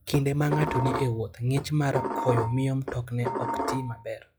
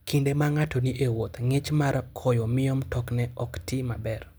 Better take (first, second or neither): second